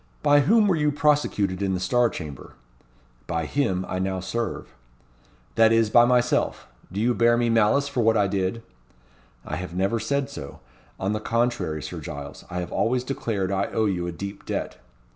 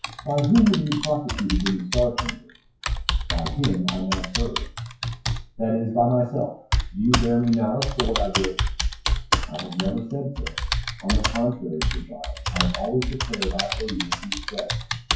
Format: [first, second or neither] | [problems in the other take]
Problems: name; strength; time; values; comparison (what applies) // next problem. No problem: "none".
first | noise reduction (classical method WPE with log-MMSE)